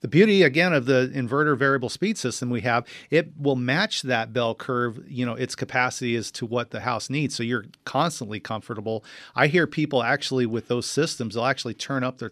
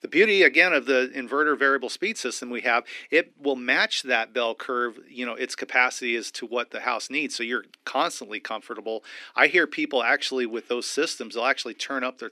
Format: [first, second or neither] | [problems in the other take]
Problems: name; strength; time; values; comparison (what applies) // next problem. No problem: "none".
first | thin; somewhat; fading below 250 Hz